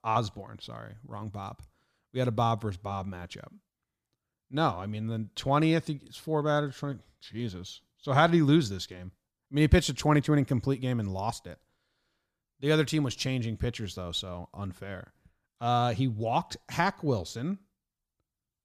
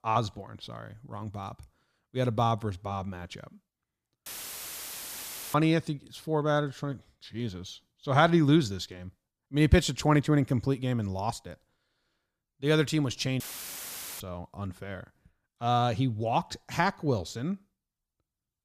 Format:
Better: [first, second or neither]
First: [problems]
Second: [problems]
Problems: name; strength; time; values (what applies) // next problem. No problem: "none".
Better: first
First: none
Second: audio cutting out; filled with static; at 4.5 s for 1.5 s and at 13 s for 1 s